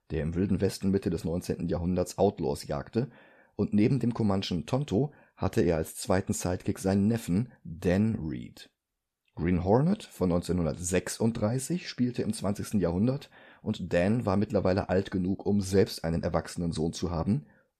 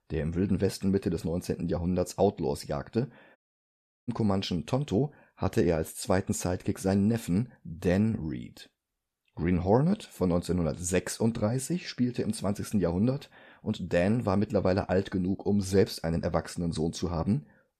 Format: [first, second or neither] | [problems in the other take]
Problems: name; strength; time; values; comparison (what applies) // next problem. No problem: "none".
first | audio cutting out; at 3.5 s for 0.5 s